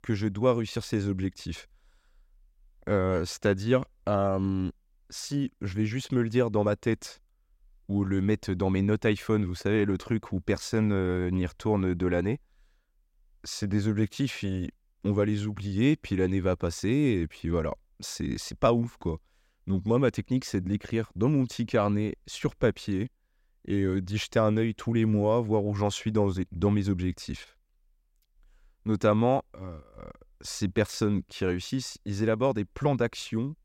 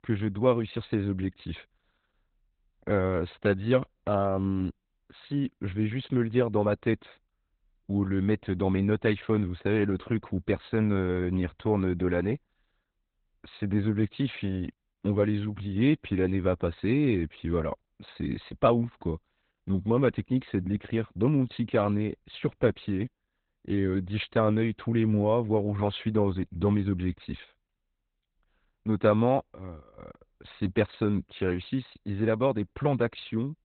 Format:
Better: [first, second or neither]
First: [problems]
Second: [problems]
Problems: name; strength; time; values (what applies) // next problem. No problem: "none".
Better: first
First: none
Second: garbled, watery; badly; nothing above 4 kHz